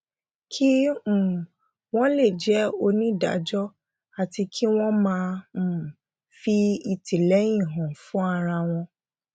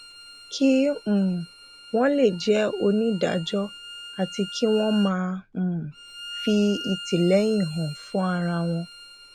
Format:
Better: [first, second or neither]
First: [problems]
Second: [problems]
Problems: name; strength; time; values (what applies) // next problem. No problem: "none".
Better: first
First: none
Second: background sound (Bowed string instrument); 16 dB below the speech